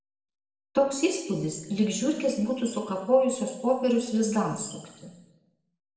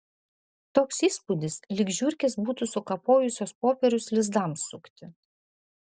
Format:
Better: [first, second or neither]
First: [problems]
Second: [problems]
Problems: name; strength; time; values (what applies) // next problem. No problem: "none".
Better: second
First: room echo; dies away in 1 s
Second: none